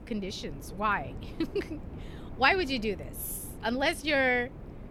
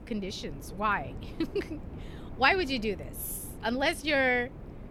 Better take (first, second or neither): neither